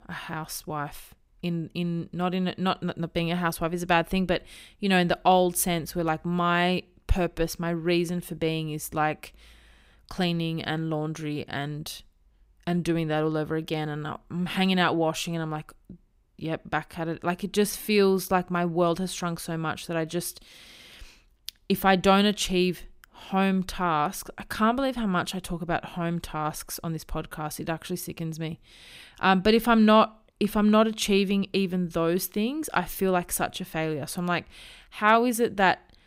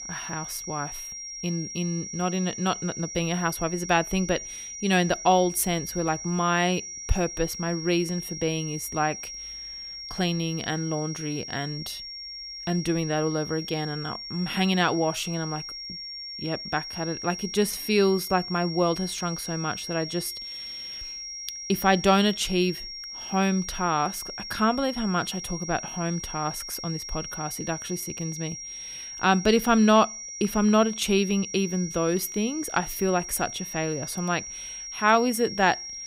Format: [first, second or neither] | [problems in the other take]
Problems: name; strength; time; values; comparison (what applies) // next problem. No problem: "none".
first | high-pitched whine; loud; throughout; 5.5 kHz, 8 dB below the speech